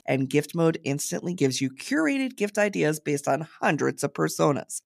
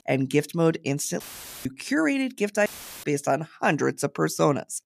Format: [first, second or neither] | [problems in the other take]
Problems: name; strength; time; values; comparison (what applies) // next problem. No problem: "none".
first | audio cutting out; filled with static; at 1 s and at 2.5 s